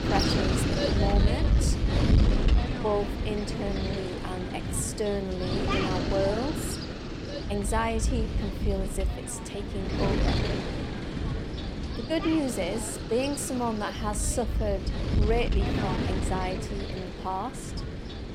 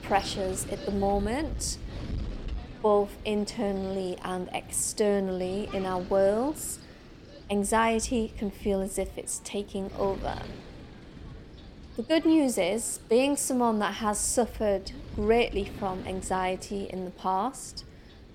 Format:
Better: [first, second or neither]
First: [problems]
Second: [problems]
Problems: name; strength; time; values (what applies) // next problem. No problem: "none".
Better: second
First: wind noise on the microphone; heavy; 2 dB below the speech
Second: wind noise on the microphone; occasional gusts; 20 dB below the speech